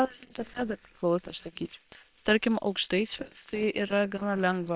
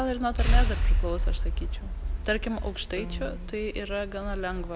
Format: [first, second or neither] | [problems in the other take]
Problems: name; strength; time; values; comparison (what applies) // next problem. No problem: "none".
second | noise reduction (neural separator model SepFormer WHAM!)